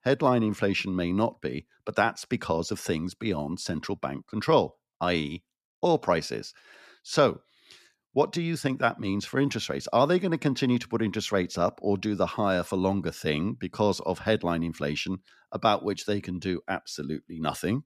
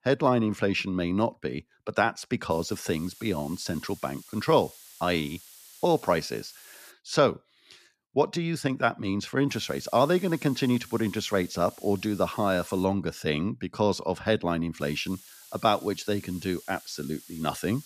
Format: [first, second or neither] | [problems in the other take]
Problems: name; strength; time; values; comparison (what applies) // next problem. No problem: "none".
first | hiss; noticeable; from 2.5 to 7 s, from 9.5 to 13 s and from 15 s on; 20 dB below the speech